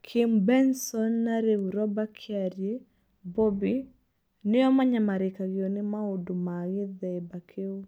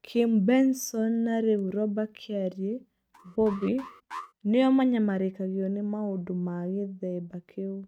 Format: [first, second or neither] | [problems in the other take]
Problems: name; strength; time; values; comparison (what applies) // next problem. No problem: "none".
first | noise reduction (neural mask model RNNoise)